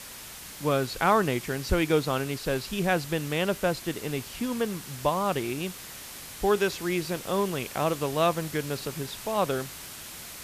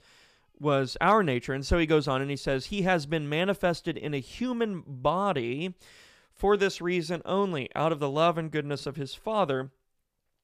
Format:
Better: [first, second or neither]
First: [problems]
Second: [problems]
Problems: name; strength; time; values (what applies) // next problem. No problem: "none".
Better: second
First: hiss; noticeable; throughout; 10 dB below the speech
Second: none